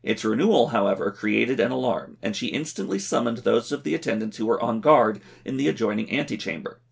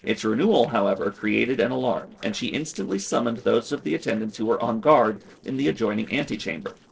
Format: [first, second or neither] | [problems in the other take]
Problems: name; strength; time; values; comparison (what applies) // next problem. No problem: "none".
first | noise reduction (neural separator model SepFormer DNS4)